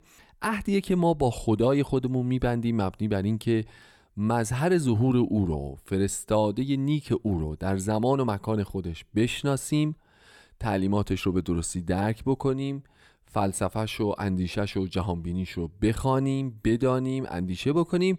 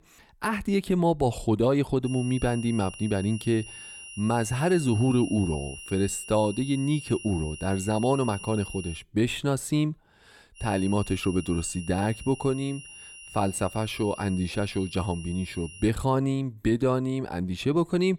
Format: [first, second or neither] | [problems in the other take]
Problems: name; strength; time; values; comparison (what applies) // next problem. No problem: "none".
first | high-pitched whine; noticeable; from 2 to 9 s and from 11 to 16 s; 3 kHz, 15 dB below the speech